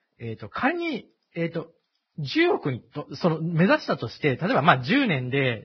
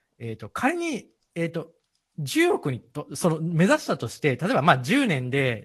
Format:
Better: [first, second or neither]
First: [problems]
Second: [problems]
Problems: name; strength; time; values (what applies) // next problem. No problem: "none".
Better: second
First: garbled, watery; badly; nothing above 5.5 kHz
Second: garbled, watery; slightly; nothing above 12 kHz